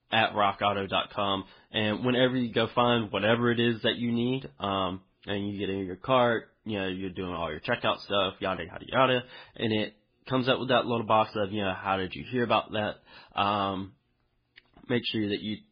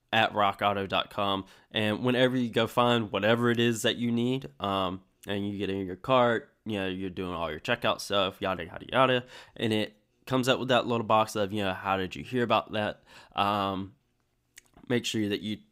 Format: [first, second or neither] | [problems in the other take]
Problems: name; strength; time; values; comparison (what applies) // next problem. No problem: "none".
second | garbled, watery; badly; nothing above 5 kHz